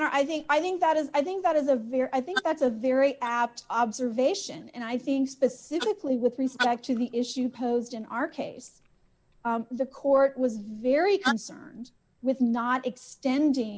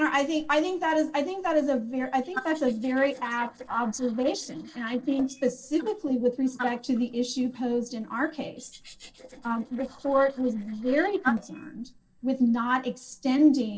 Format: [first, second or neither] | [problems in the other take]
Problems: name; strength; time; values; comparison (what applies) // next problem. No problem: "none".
first | noise reduction (neural separator model SepFormer DNS4)